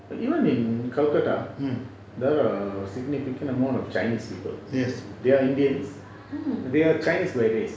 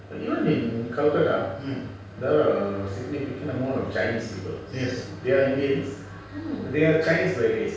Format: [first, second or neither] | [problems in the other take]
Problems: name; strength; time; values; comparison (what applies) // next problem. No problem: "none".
first | room echo; dies away in 0.5 s